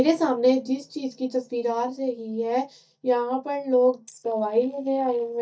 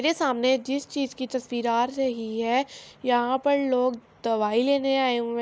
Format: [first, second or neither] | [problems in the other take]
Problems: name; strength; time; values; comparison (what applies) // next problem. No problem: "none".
second | noise reduction (neural mask model DeepFilterNet 3)